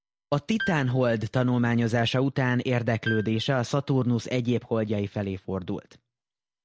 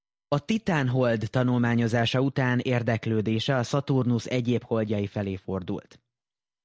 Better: second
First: background sound (Piano); 14 dB below the speech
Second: none

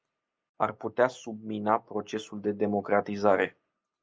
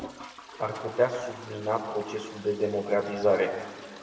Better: first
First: none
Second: background sound (Toilet flush); 17 dB below the speech // room echo; dies away in 2.1 s

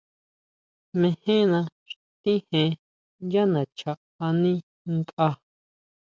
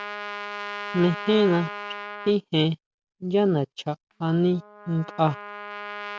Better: first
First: none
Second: background sound (Trumpet); 11 dB below the speech

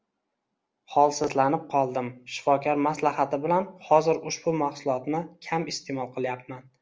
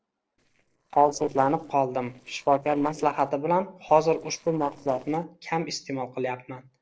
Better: first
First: none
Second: noise reduction (neural separator model SepFormer DNS4)

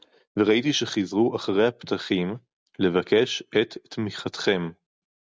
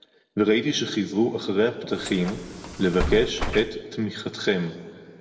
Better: first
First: none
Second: background sound (Bus); 6 dB below the speech // room echo; dies away in 1.6 s

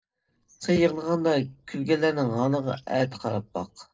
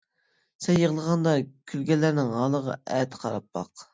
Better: second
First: noise reduction (neural separator model SepFormer DNS4)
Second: none

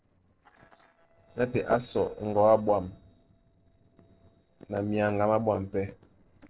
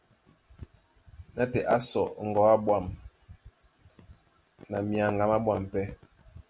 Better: second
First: noise reduction (neural separator model SepFormer DNS4)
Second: none

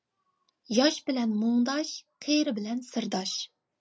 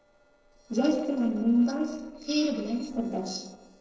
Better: first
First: none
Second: noise reduction (neural separator model SepFormer DNS4)

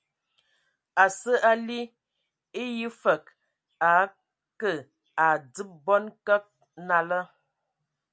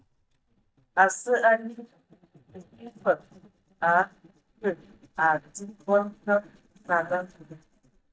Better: first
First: none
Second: noise reduction (neural mask model DeepFilterNet 3)

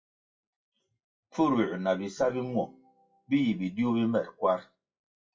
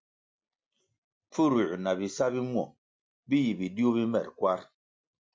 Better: second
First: noise reduction (classical method WPE with log-MMSE)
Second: none

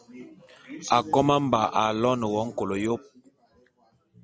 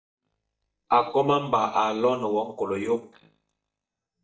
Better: first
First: none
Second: noise reduction (neural mask model DeepFilterNet 3)

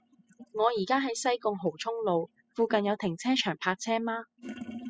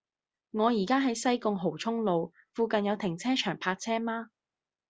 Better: second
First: noise reduction (classical method spectral subtraction)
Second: none

